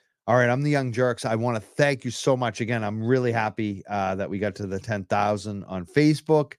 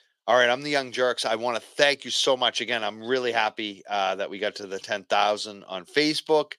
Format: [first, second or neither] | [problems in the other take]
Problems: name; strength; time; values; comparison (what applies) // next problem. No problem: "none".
first | thin; somewhat; fading below 450 Hz